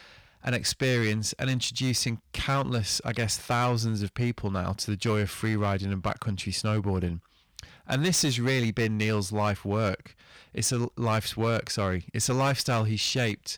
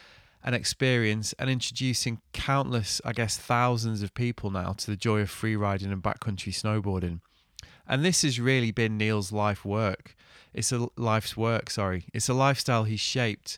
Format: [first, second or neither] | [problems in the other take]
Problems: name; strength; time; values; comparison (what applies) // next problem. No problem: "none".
second | distortion; slight; 8% of the sound clipped